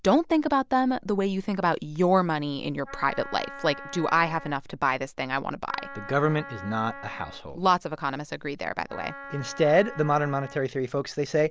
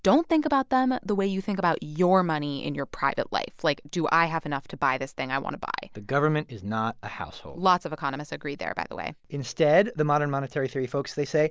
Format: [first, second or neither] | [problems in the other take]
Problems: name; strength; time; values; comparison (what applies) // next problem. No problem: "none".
second | background sound (Wind instrument, woodwind instrument); 15 dB below the speech